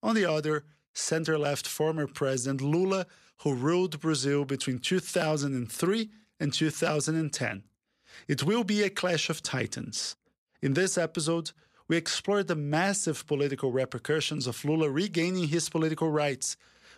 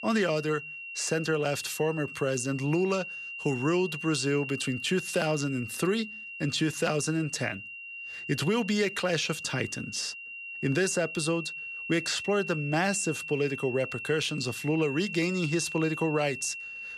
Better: first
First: none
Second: high-pitched whine; loud; throughout; 3 kHz, 8 dB below the speech

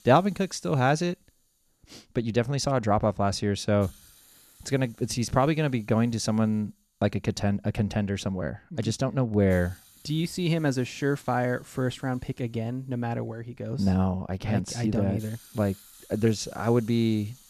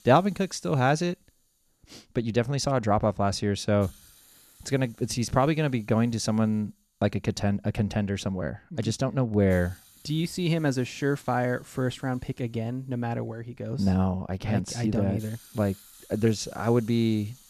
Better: neither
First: hiss; faint; throughout; 25 dB below the speech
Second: hiss; faint; throughout; 25 dB below the speech

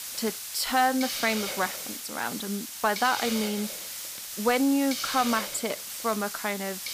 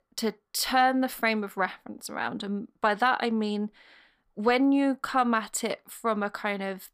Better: second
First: hiss; loud; throughout; 5 dB below the speech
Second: none

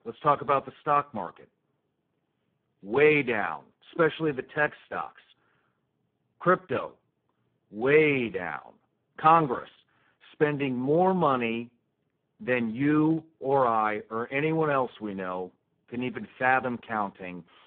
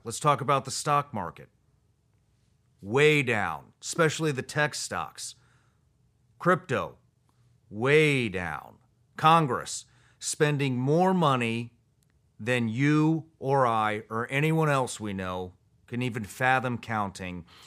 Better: second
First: phone-call audio; poor line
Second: none

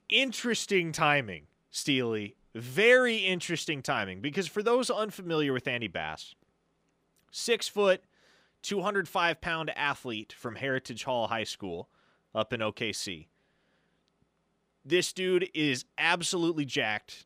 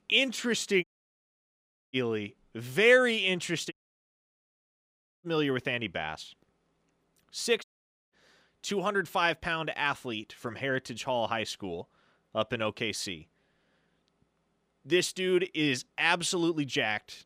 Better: first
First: none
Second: audio cutting out; at 1 s for 1 s, at 3.5 s for 1.5 s and at 7.5 s

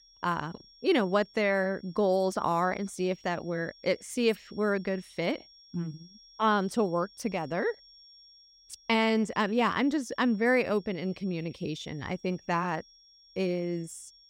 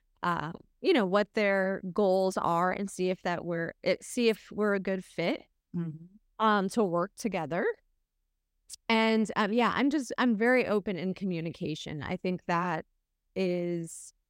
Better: second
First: high-pitched whine; faint; throughout; 5.5 kHz, 25 dB below the speech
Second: none

